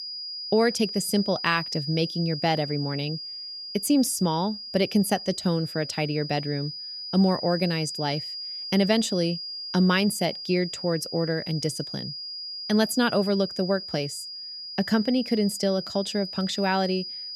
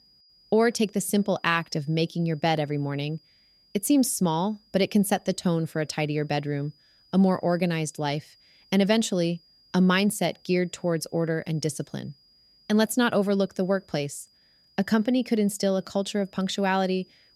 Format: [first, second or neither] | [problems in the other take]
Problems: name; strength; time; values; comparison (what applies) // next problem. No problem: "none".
second | high-pitched whine; loud; throughout; 5 kHz, 8 dB below the speech; faint in the second